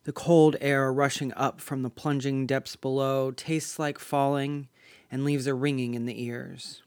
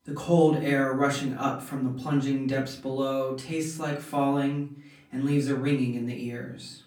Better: first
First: none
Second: off-mic speech; far // room echo; slight; dies away in 0.4 s

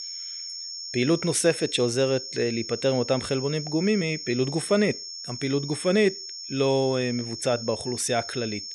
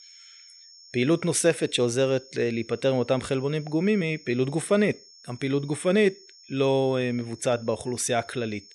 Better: second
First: high-pitched whine; loud; throughout; 5.5 kHz, 9 dB below the speech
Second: high-pitched whine; faint; throughout; 5.5 kHz, 25 dB below the speech

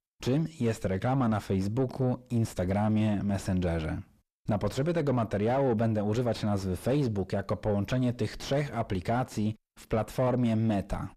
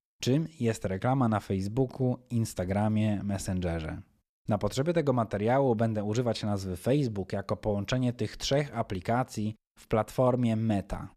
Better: second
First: distortion; slight; 9 dB below the speech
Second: none

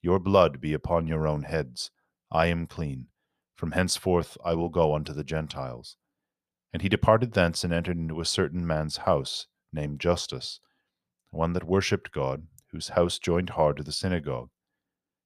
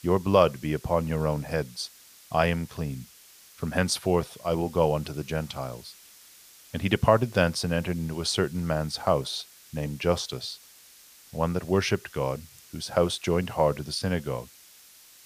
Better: first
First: none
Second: hiss; faint; throughout; 20 dB below the speech

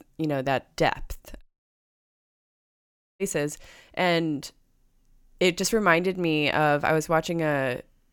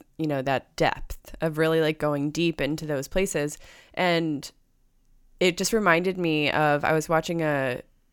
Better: second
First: audio cutting out; at 1.5 s for 2 s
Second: none

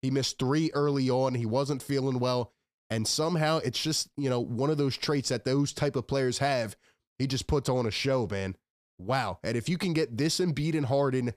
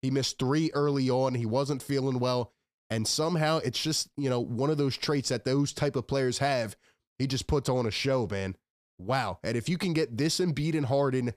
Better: neither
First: none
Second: none

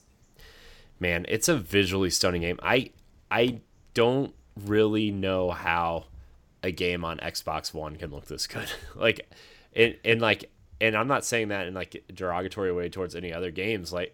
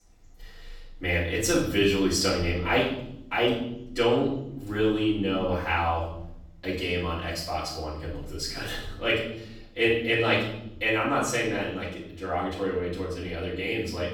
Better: first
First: none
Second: room echo; noticeable; dies away in 0.8 s // off-mic speech; far

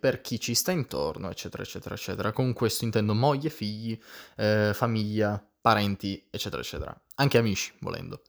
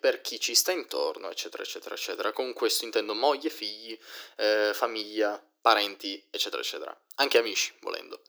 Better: first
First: none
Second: thin; very; fading below 300 Hz

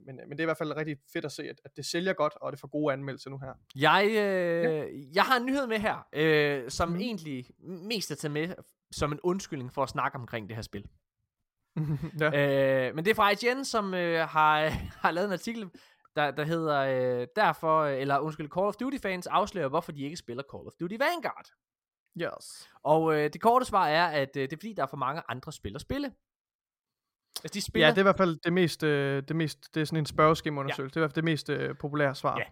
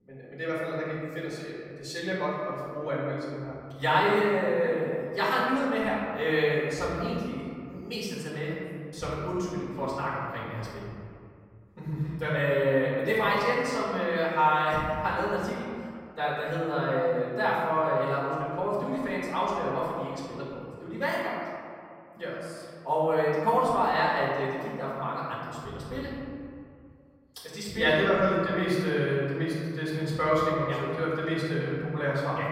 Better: first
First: none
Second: room echo; strong; dies away in 2.1 s // off-mic speech; far

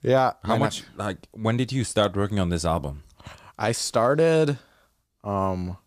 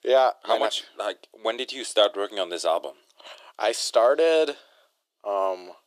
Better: first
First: none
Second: thin; very; fading below 350 Hz

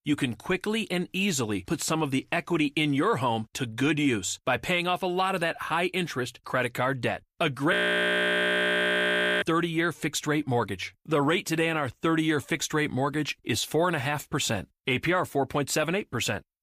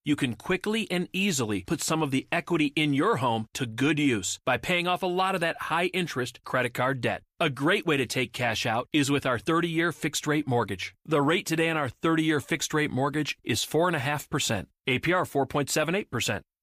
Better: second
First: audio freezing; at 7.5 s for 1.5 s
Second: none

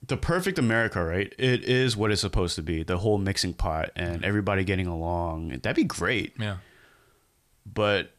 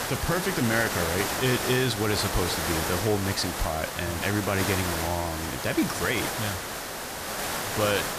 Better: first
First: none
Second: hiss; loud; throughout; 2 dB below the speech

